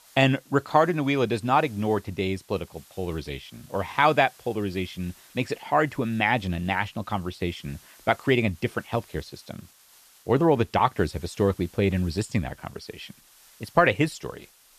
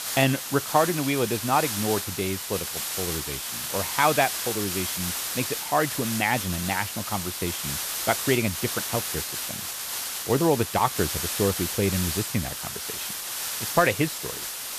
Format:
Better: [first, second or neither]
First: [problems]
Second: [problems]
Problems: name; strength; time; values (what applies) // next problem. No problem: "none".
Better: first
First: hiss; faint; throughout; 25 dB below the speech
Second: hiss; loud; throughout; 2 dB below the speech